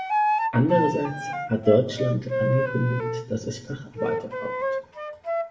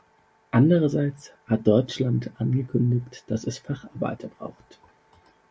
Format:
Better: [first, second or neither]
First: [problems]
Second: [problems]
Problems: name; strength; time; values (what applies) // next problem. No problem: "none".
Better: second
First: background sound (Wind instrument, woodwind instrument); 2 dB below the speech // room echo; dies away in 0.9 s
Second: none